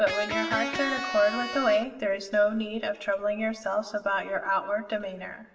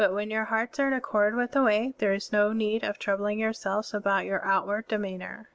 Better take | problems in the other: second | background sound (Electric guitar); 4 dB below the speech // room echo; dies away in 0.8 s

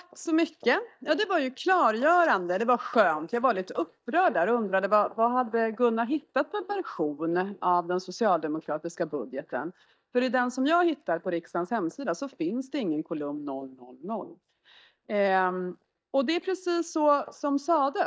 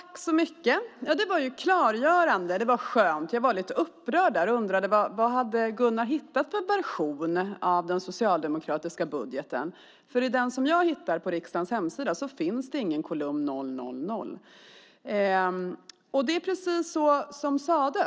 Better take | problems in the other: second | noise reduction (neural mask model DeepFilterNet 3)

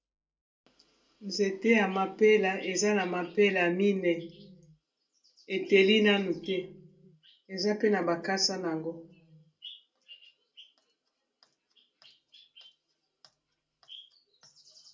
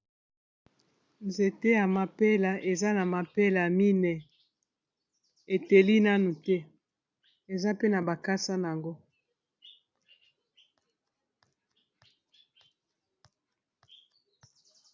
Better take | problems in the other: second | room echo; dies away in 0.2 s

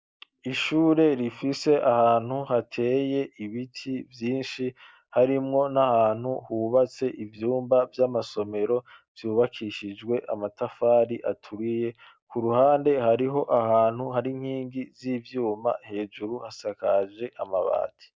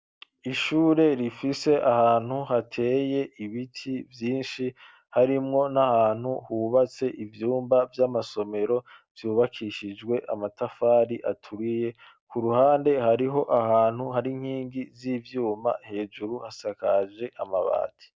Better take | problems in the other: second | noise reduction (neural mask model Resemble Enhance denoiser)

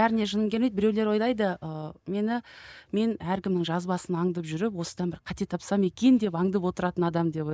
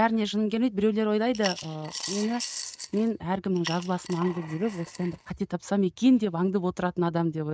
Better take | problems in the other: first | noise reduction (neural mask model RNNoise)

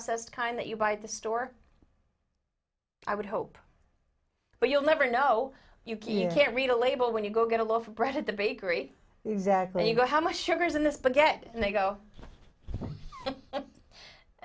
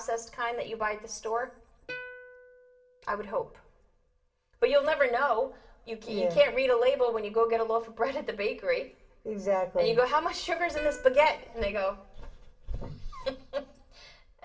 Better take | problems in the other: first | background sound (Plucked string instrument); 19 dB below the speech // room echo; dies away in 0.6 s

